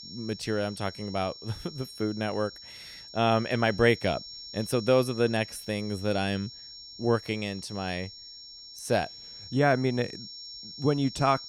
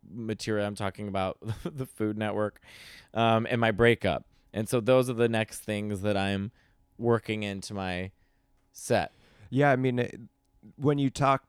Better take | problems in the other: second | high-pitched whine; noticeable; throughout; 5.5 kHz, 15 dB below the speech

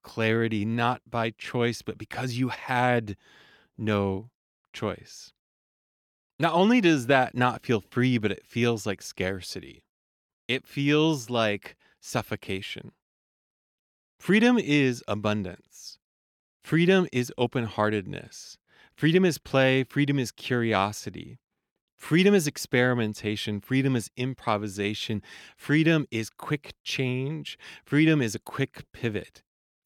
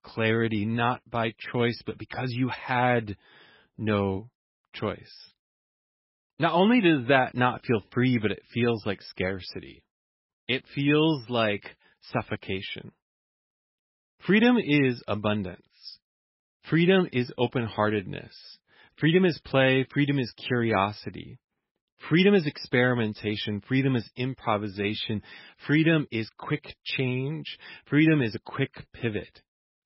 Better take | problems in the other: first | garbled, watery; badly; nothing above 5.5 kHz

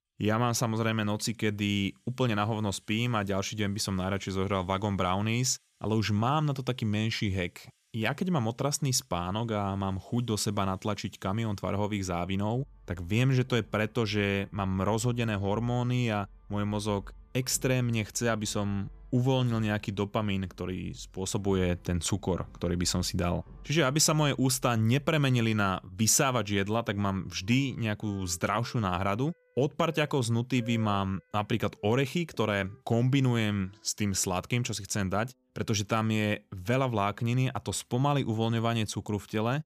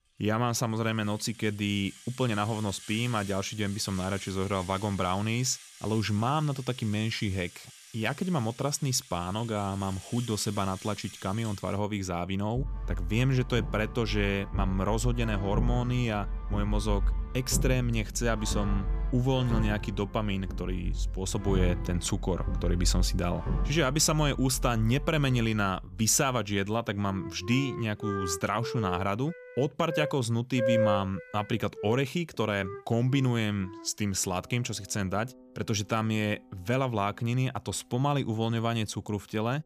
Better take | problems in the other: first | background music; loud; throughout; 7 dB below the speech; faint in the first

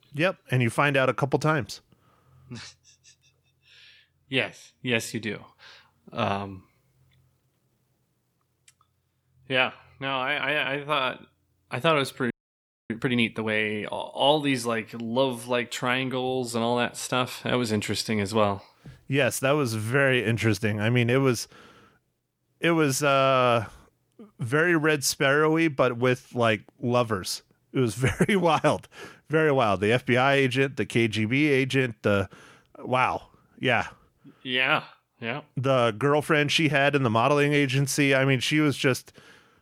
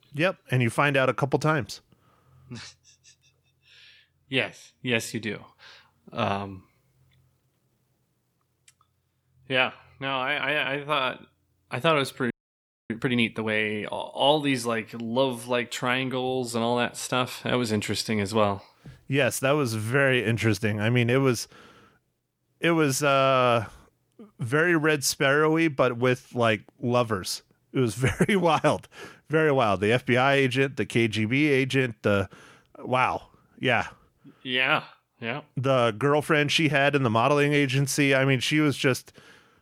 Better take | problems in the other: neither | audio freezing; at 12 s for 0.5 s; the same in both

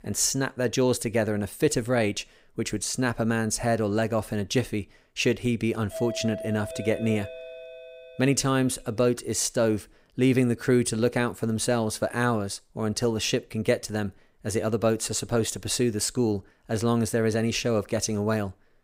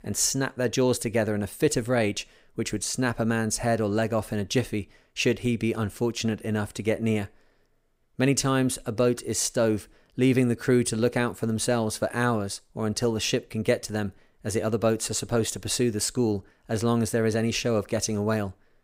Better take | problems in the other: second | doorbell; noticeable; from 6 to 8.5 s; peak 9 dB below the speech

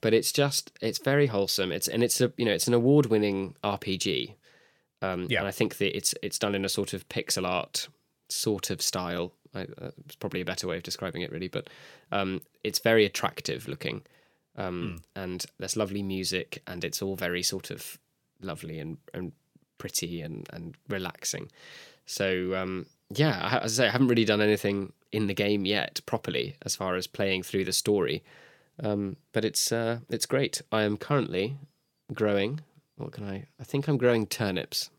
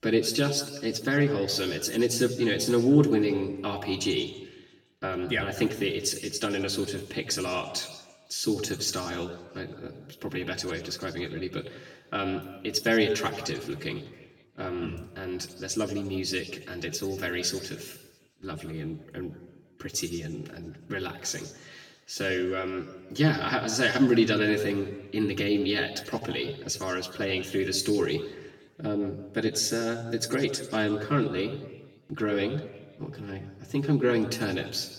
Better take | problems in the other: first | room echo; slight; dies away in 1 s // off-mic speech; far

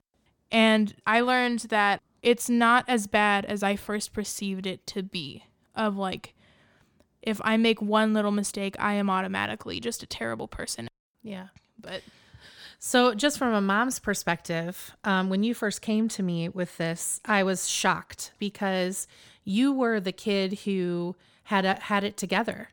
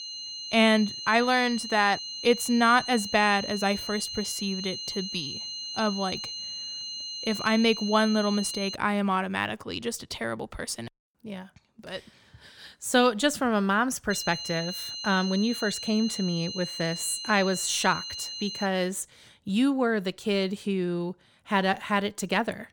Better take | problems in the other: first | high-pitched whine; loud; until 9 s and from 14 to 19 s; 4 kHz, 7 dB below the speech

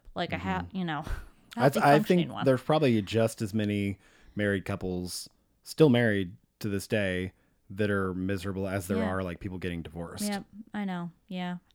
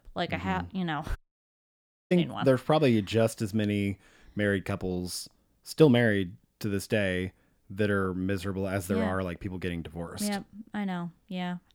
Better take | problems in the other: first | audio cutting out; at 1 s for 1 s

